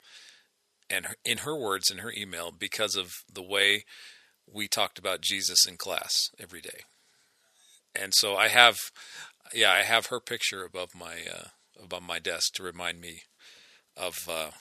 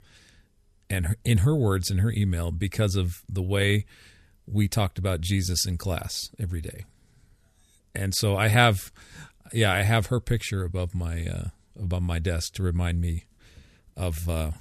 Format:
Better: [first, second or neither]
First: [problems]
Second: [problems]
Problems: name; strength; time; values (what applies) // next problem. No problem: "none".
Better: second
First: thin; very; fading below 600 Hz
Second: none